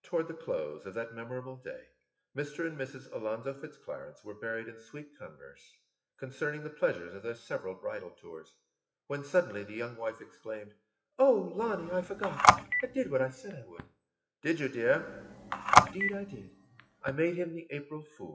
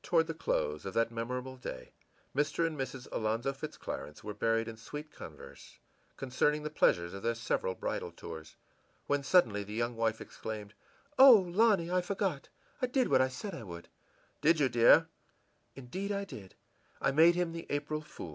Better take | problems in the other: second | noise reduction (classical method WPE with log-MMSE)

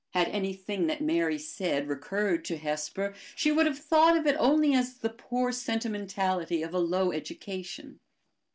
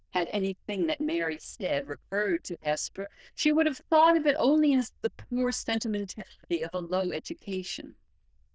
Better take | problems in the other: first | noise reduction (neural diffusion model UNIVERSE++)

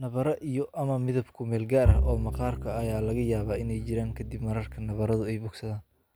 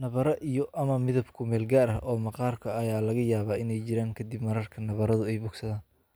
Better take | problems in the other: second | background sound (Bowed string instrument); 1 dB below the speech

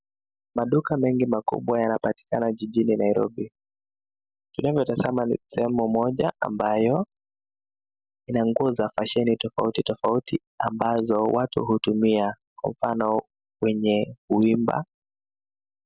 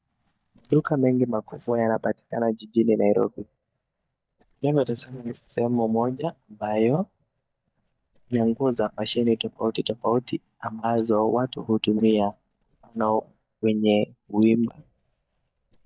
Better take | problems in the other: first | noise reduction (neural mask model DeepFilterNet 3)

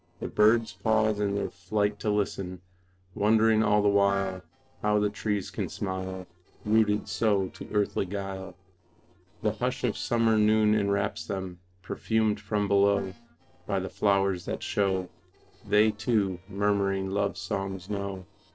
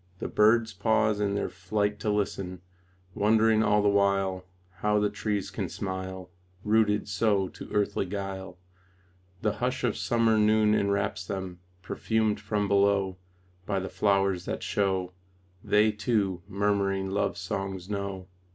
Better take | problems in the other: second | noise reduction (neural separator model SepFormer DNS4)

